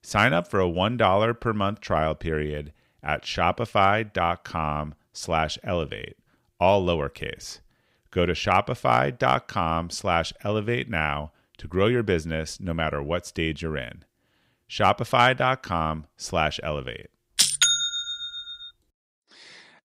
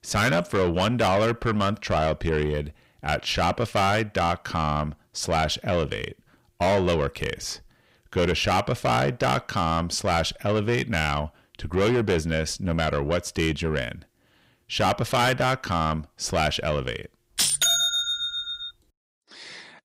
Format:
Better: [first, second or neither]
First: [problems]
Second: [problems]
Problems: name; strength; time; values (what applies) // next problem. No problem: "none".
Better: first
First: none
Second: distortion; heavy; 6 dB below the speech